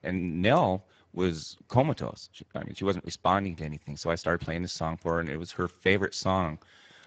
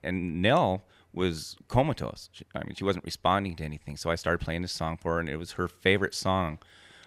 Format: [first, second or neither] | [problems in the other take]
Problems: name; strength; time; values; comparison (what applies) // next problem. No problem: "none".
second | garbled, watery; badly; nothing above 7.5 kHz